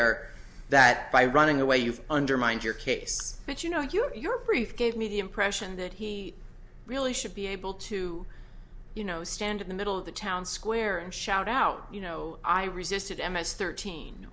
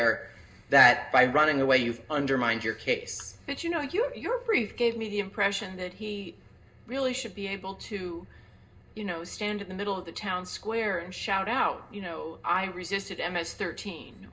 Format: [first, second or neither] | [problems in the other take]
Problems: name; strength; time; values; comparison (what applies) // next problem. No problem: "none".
first | room echo; dies away in 0.2 s